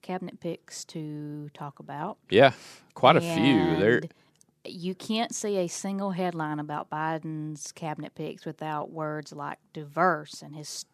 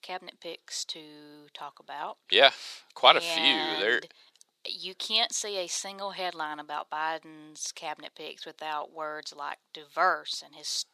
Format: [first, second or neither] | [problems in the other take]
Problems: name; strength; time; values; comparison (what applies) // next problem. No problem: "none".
first | thin; very; fading below 600 Hz